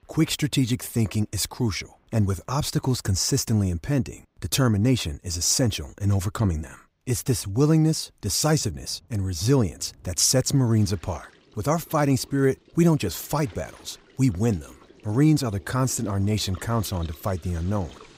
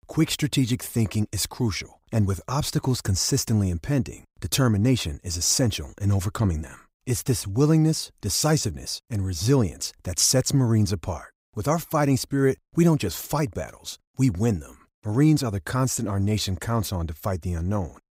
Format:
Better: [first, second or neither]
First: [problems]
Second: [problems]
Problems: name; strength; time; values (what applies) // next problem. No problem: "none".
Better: second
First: rain or running water; faint; throughout; 25 dB below the speech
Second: none